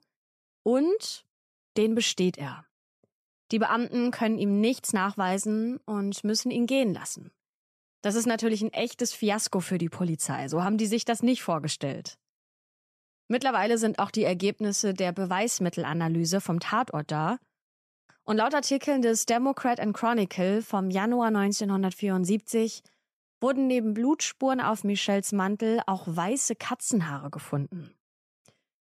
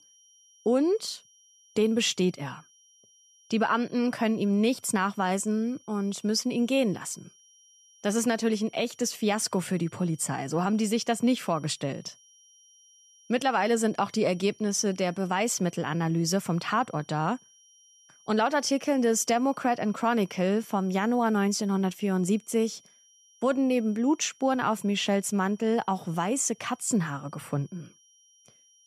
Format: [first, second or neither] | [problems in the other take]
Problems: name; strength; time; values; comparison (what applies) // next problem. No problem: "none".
first | high-pitched whine; faint; throughout; 5.5 kHz, 30 dB below the speech